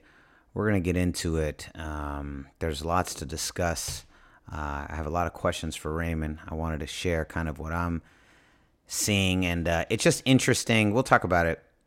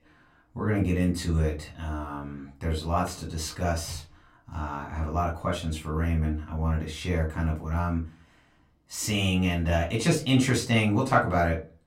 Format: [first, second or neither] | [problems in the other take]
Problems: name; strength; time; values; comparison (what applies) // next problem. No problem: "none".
first | off-mic speech; far // room echo; very slight; dies away in 0.2 s